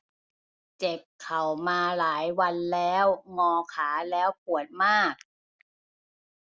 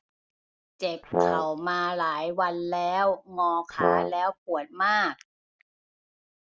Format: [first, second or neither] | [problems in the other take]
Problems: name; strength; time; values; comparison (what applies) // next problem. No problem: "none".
first | background sound (Brass instrument); 2 dB above the speech